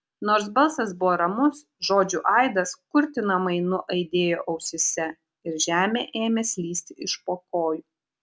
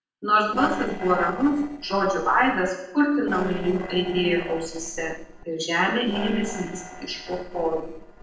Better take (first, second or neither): first